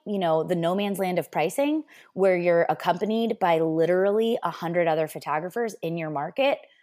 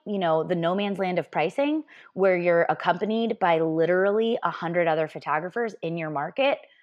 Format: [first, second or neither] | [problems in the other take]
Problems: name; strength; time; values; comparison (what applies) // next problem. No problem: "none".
first | muffled; very slightly; fading above 3.5 kHz